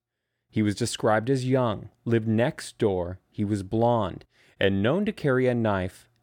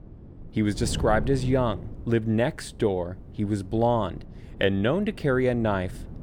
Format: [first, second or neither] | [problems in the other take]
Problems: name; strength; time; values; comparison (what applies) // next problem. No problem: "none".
first | wind noise on the microphone; occasional gusts; 20 dB below the speech